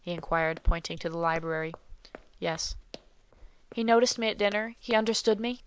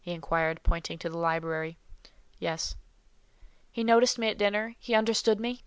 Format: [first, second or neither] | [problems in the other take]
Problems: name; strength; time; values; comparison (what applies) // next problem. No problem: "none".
second | noise reduction (neural mask model Resemble Enhance denoiser)